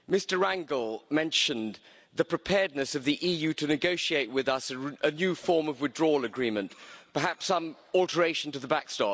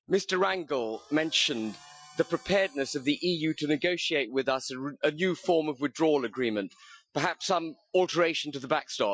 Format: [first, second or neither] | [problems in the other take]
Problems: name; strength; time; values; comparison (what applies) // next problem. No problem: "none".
first | noise reduction (classical method Wiener filter)